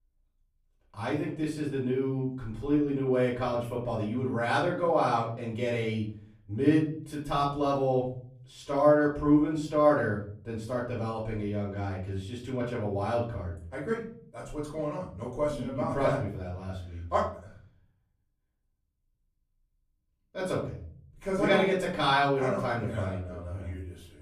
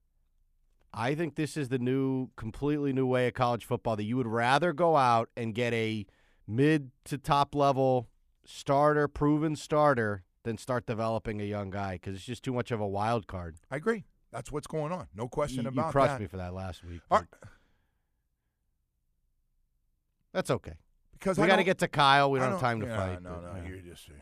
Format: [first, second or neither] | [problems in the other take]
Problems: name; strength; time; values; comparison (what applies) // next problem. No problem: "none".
second | off-mic speech; far // room echo; slight; dies away in 0.6 s